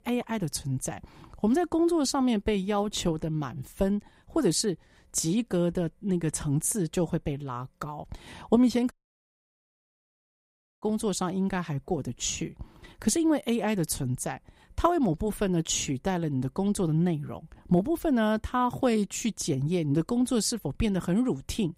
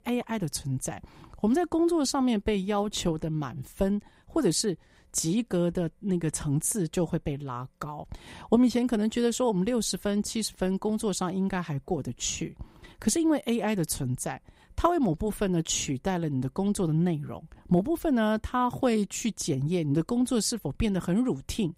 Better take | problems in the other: second | audio cutting out; at 9 s for 2 s

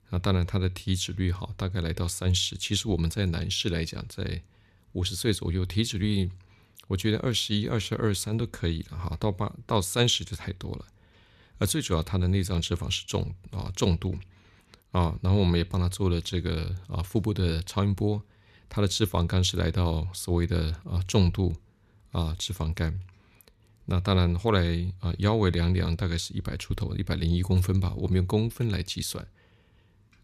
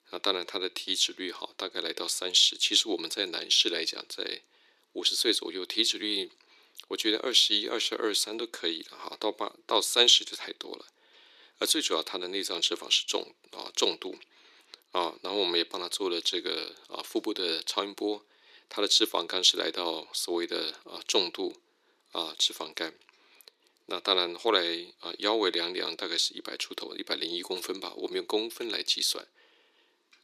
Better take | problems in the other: first | thin; very; fading below 300 Hz

